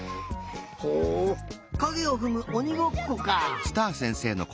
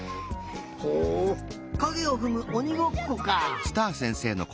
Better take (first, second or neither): first